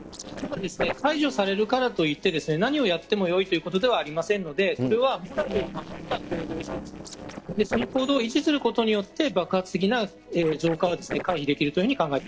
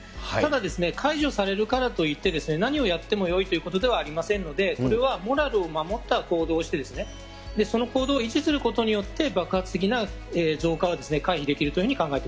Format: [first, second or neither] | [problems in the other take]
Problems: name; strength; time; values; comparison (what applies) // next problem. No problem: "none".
second | noise reduction (neural separator model SepFormer DNS4)